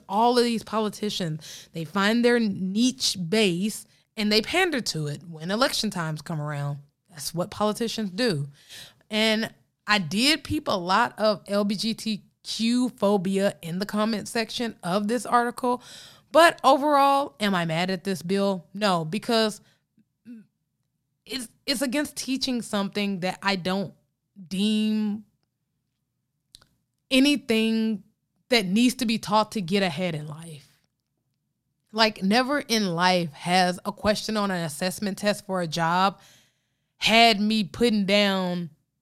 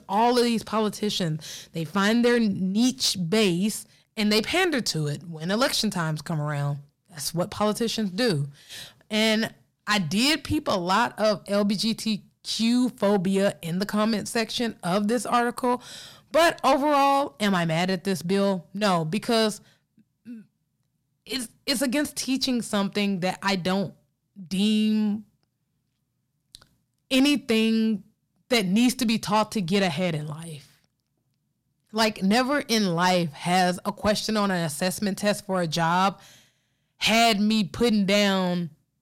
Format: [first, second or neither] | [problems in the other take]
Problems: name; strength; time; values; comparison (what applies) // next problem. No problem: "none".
first | distortion; slight; 10 dB below the speech